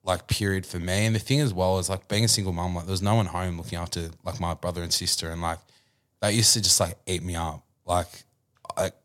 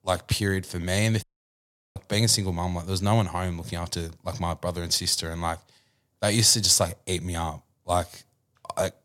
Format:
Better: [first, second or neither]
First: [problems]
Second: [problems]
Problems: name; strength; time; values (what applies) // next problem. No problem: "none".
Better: first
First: none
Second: audio cutting out; at 1 s for 0.5 s